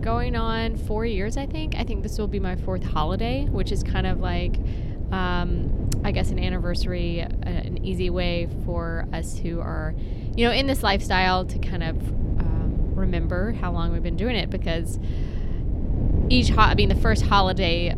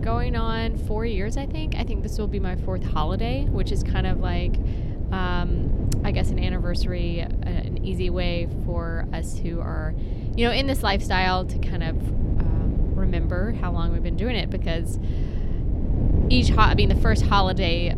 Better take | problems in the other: first | wind noise on the microphone; heavy; 10 dB below the speech; occasional gusts in the first

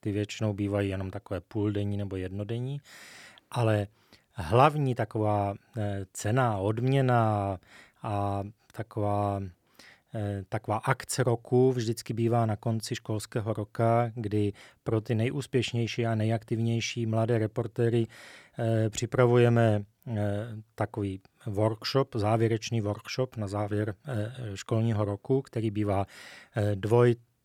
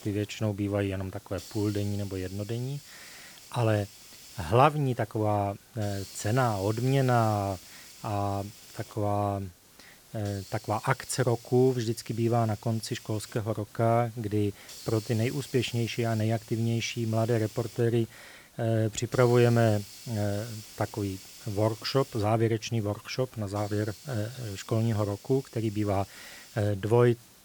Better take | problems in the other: first | hiss; noticeable; throughout; 20 dB below the speech

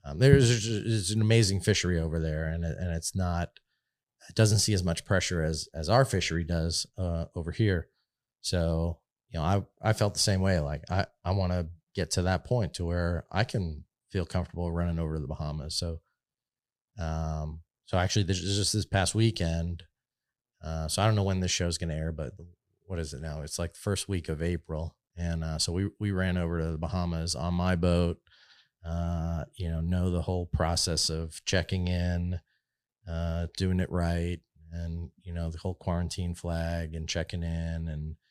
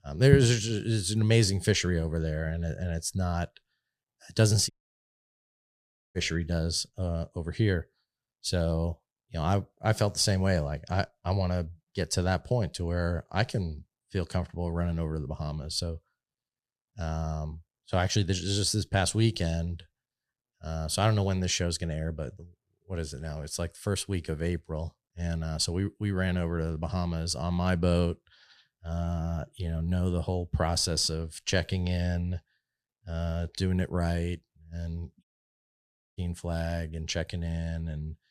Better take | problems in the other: first | audio cutting out; at 4.5 s for 1.5 s and at 35 s for 1 s

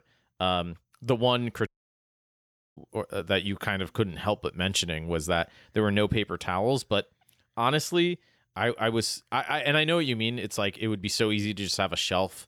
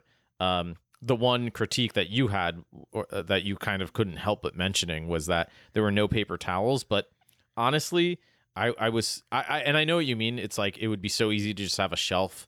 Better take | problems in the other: second | audio cutting out; at 1.5 s for 1 s

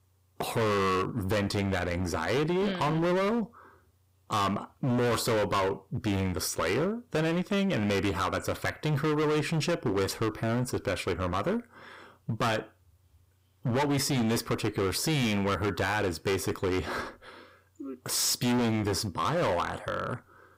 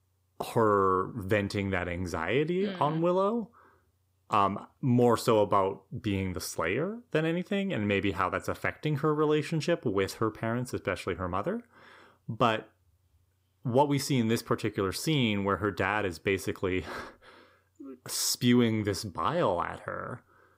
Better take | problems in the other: second | distortion; heavy; 20% of the sound clipped

